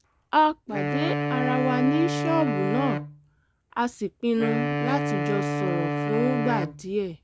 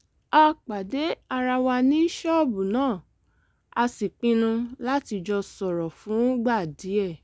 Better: second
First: background sound (Wind instrument, woodwind instrument); 1 dB below the speech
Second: none

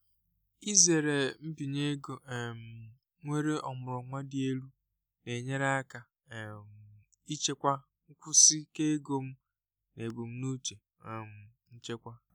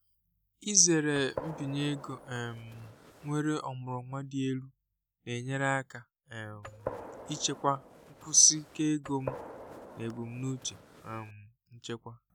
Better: first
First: none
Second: background sound (Gunshot, gunfire); 13 dB below the speech

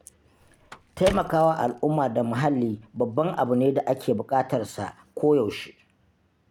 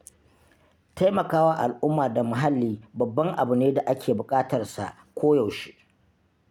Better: second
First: background sound (Car); 15 dB below the speech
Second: none

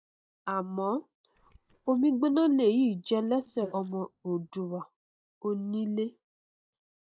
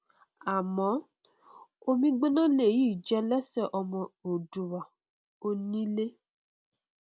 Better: second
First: noise reduction (neural mask model DeepFilterNet 3)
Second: none

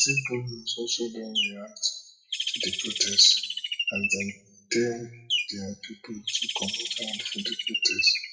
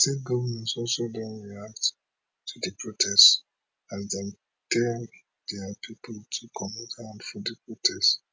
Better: second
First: noise reduction (classical method WPE with log-MMSE)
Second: none

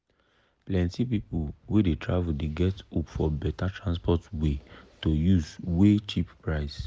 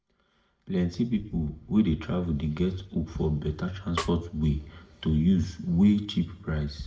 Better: first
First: none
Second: background sound (Snare drum); 12 dB below the speech // room echo; dies away in 0.6 s

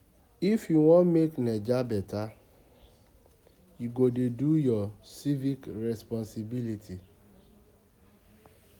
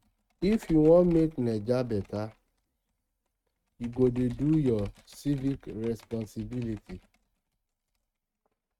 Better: first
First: none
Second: noise reduction (neural mask model RNNoise)

